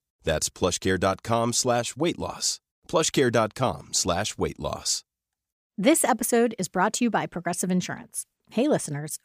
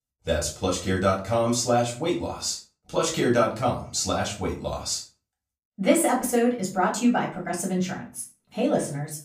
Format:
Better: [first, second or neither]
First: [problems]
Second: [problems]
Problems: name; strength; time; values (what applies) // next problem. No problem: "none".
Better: first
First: none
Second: off-mic speech; far // room echo; slight; dies away in 0.3 s